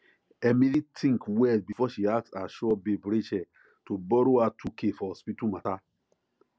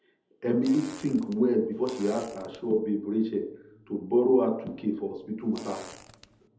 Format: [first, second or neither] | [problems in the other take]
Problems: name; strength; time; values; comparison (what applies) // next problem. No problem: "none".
first | background sound (Fart); 19 dB below the speech // room echo; dies away in 0.8 s